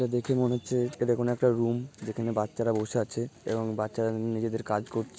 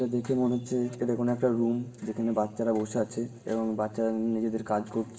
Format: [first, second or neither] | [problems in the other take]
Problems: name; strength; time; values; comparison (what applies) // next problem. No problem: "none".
first | room echo; dies away in 1.5 s